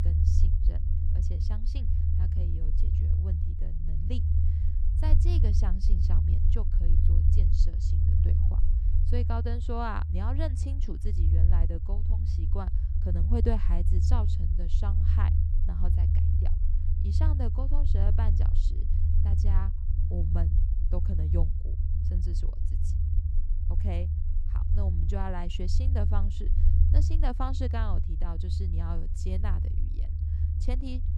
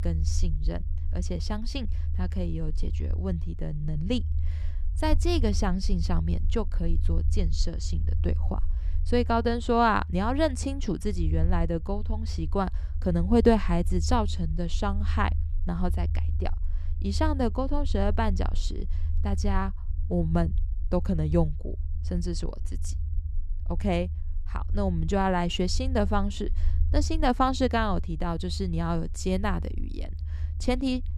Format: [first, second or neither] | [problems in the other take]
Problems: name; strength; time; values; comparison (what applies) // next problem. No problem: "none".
second | low rumble; loud; throughout; 4 dB below the speech; faint in the second